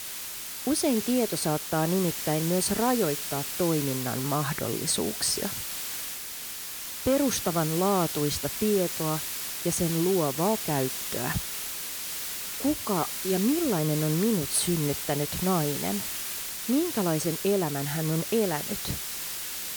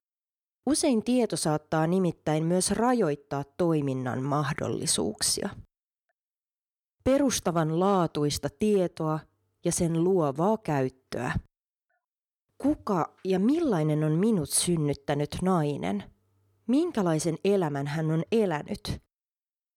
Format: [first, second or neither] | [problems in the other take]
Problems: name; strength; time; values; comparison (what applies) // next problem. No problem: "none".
second | hiss; loud; throughout; 4 dB below the speech